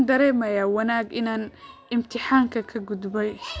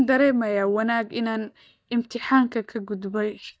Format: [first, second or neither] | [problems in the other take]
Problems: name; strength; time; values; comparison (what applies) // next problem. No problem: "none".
first | noise reduction (neural mask model DeepFilterNet 3)